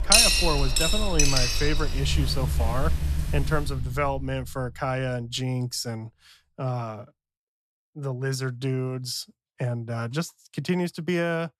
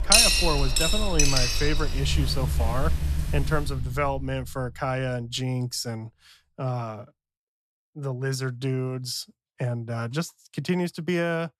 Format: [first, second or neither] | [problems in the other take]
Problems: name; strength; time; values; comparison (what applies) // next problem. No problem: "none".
neither | household noises; very loud; until 3.5 s; 5 dB above the speech; the same in both